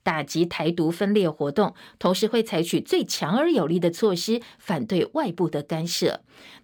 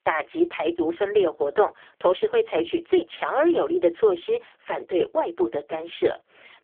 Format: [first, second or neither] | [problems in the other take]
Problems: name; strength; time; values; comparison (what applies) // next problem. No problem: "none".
first | phone-call audio; poor line; nothing above 3.5 kHz